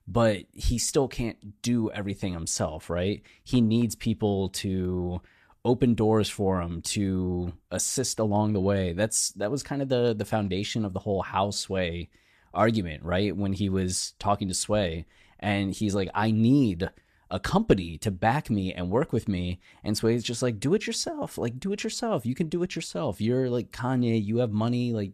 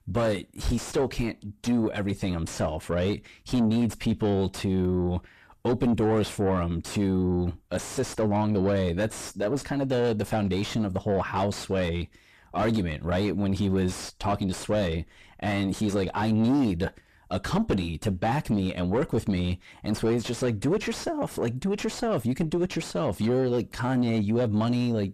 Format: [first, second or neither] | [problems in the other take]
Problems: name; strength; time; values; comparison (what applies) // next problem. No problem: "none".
first | distortion; heavy; 6 dB below the speech